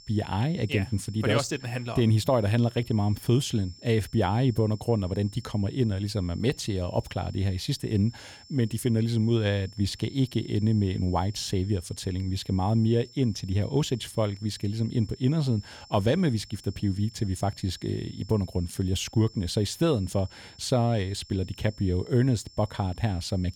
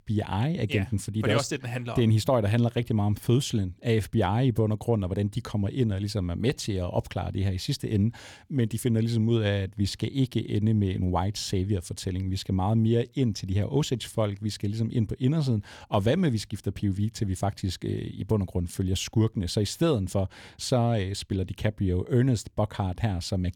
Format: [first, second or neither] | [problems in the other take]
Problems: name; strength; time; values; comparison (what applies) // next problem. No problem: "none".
second | high-pitched whine; faint; throughout; 5.5 kHz, 20 dB below the speech